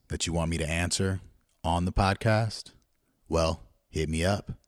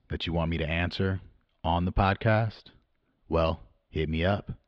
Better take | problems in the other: first | muffled; slightly; fading above 3.5 kHz

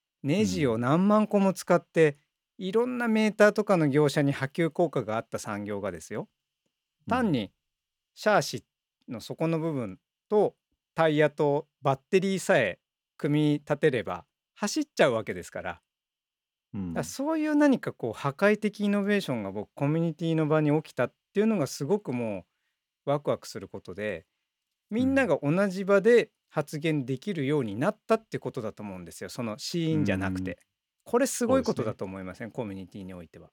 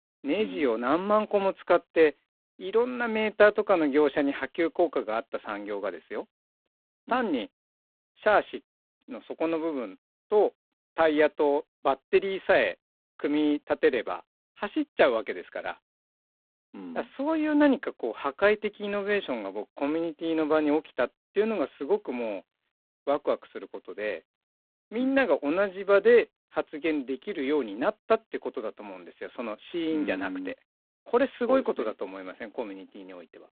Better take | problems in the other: first | phone-call audio; poor line; nothing above 4 kHz

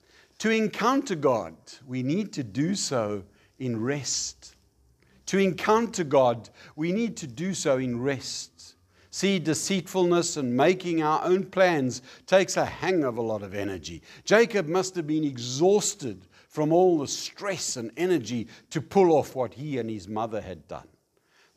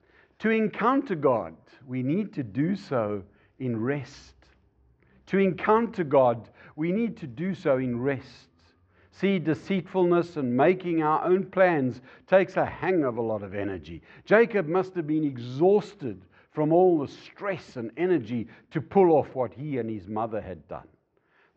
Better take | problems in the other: first | muffled; very; fading above 2.5 kHz

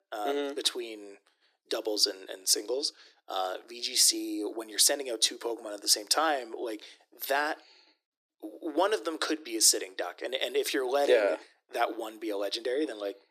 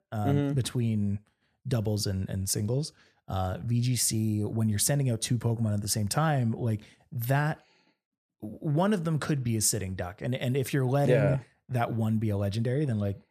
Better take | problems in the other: second | thin; very; fading below 300 Hz

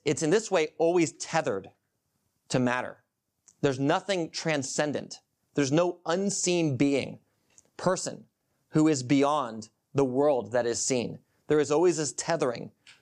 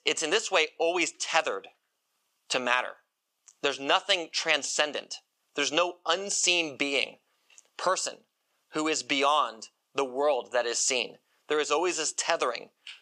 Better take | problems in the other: first | thin; somewhat; fading below 550 Hz

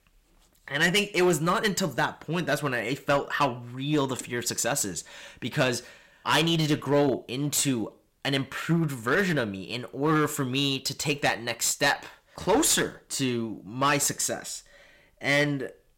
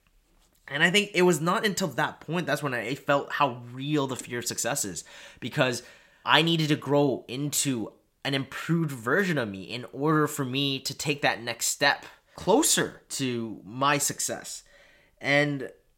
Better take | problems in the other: second | distortion; slight; 5% of the sound clipped

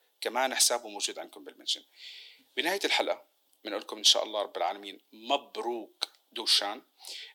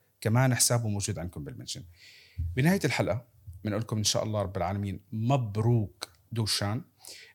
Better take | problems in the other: second | thin; very; fading below 300 Hz

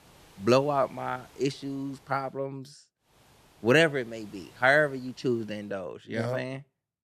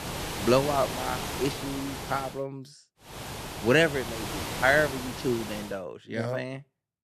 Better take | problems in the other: first | hiss; loud; until 2.5 s and from 3 to 5.5 s; 7 dB below the speech; faint in the first

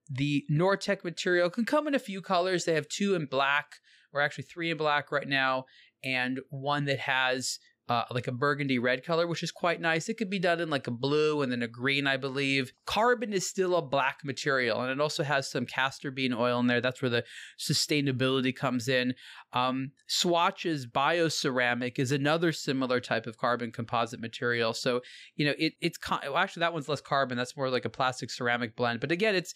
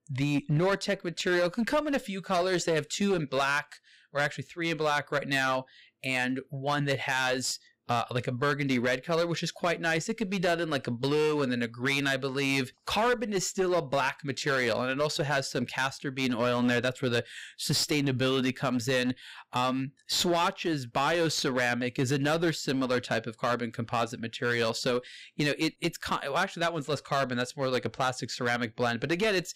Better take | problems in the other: first | distortion; slight; 9% of the sound clipped

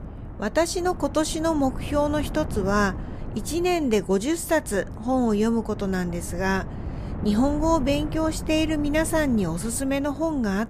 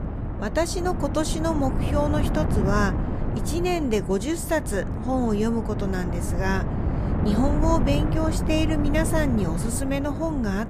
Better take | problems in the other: first | wind noise on the microphone; heavy; 7 dB below the speech; occasional gusts in the first

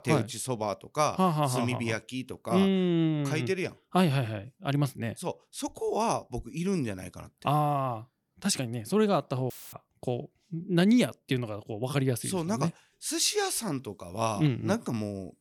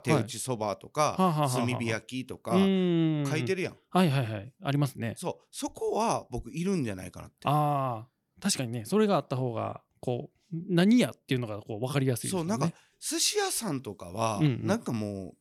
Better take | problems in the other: second | audio cutting out; filled with static; at 9.5 s

